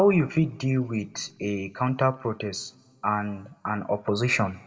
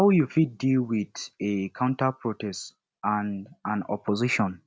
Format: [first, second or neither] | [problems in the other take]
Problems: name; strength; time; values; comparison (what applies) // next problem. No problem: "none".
second | room echo; dies away in 0.7 s